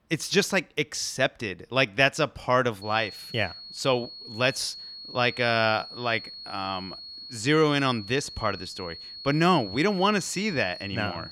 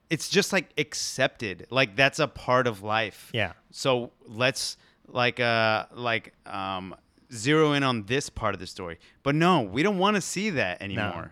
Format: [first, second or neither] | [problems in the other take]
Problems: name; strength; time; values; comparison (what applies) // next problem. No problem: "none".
second | high-pitched whine; noticeable; from 3 s on; 4.5 kHz, 15 dB below the speech